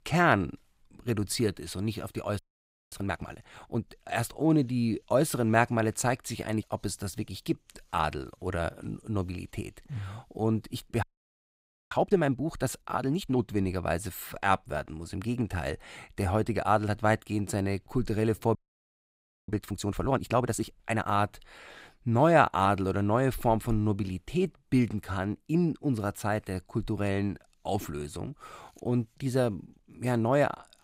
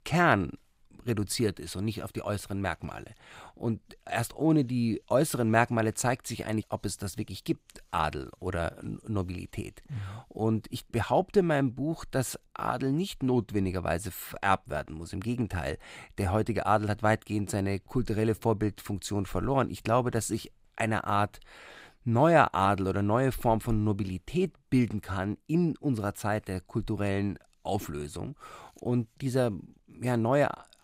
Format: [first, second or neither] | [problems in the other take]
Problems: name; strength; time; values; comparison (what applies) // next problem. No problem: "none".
second | audio freezing; at 2.5 s for 0.5 s, at 11 s for 1 s and at 19 s for 1 s